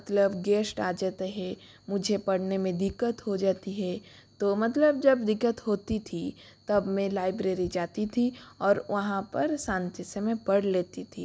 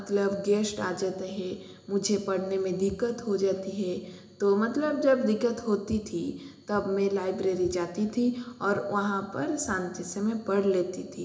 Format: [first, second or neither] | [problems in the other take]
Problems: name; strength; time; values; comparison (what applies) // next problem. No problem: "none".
first | room echo; dies away in 0.8 s